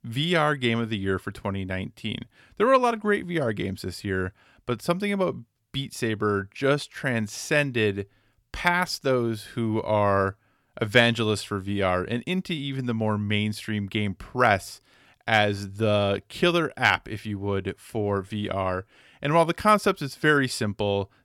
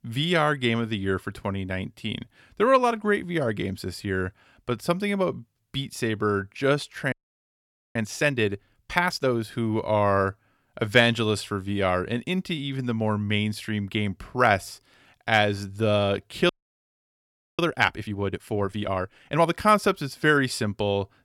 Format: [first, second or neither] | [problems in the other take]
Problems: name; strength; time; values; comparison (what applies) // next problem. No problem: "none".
first | audio freezing; at 7 s for 1 s and at 16 s for 1 s